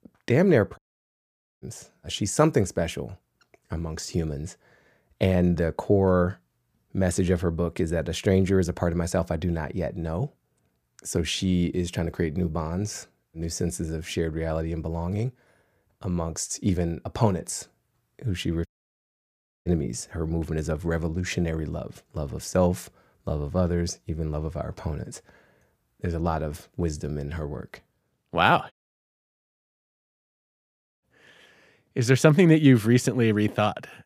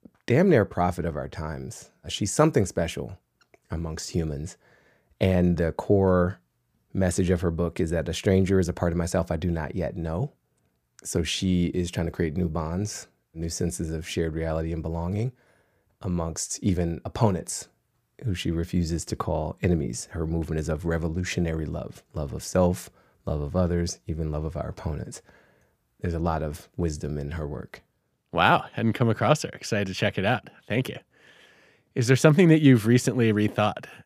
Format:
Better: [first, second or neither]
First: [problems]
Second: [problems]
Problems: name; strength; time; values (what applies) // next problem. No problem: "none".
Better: second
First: audio cutting out; at 1 s for 1 s, at 19 s for 1 s and at 29 s for 2.5 s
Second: none